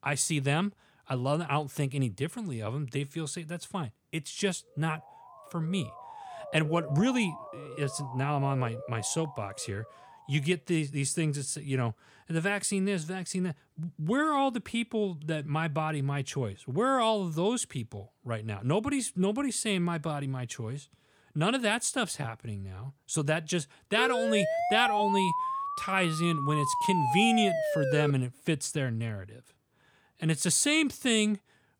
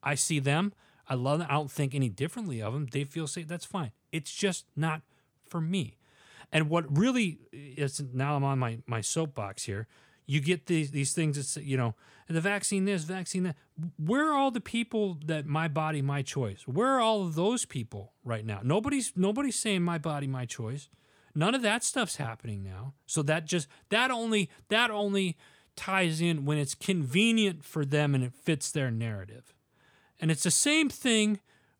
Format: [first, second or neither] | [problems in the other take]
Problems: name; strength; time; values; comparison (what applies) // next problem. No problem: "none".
second | siren; faint; from 5 to 10 s; peak 10 dB below the speech // siren; loud; from 24 to 28 s; peak 2 dB above the speech